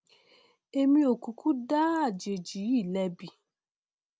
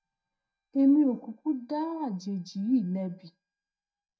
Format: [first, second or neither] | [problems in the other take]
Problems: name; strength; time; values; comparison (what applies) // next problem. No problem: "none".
first | noise reduction (neural mask model DeepFilterNet 3)